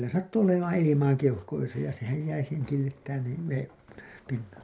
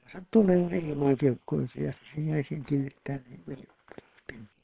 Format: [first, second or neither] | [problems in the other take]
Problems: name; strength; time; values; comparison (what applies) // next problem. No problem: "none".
first | noise reduction (neural separator model SepFormer WHAM!)